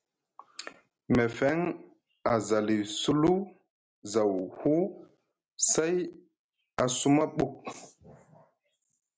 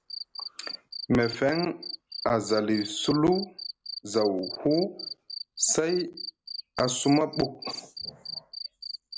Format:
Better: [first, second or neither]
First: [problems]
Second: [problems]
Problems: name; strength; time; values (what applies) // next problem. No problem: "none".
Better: first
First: none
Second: background sound (Cricket); 12 dB below the speech